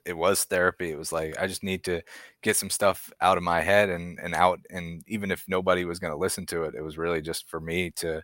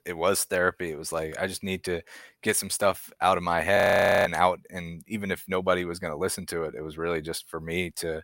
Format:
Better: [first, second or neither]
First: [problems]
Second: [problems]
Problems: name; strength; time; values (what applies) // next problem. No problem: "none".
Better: first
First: none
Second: audio freezing; at 4 s